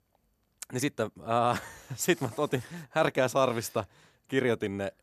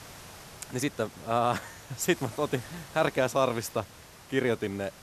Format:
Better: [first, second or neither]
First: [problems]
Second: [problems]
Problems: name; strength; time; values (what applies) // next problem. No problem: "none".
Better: first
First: none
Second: hiss; noticeable; throughout; 20 dB below the speech